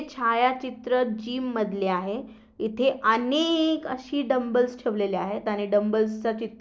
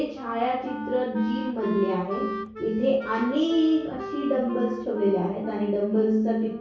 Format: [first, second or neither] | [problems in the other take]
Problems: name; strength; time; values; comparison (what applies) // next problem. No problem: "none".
first | background sound (Wind instrument, woodwind instrument); 12 dB below the speech // room echo; dies away in 0.6 s